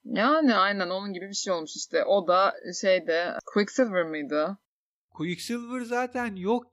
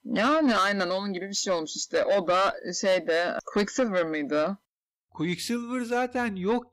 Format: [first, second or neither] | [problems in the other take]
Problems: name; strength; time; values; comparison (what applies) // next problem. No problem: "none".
first | distortion; slight; 10 dB below the speech